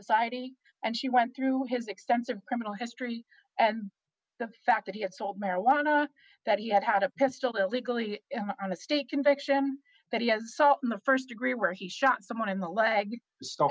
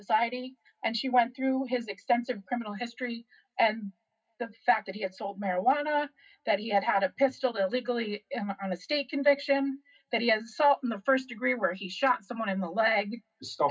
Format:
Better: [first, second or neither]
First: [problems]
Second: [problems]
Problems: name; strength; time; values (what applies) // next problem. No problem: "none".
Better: first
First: none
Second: room echo; dies away in 0.2 s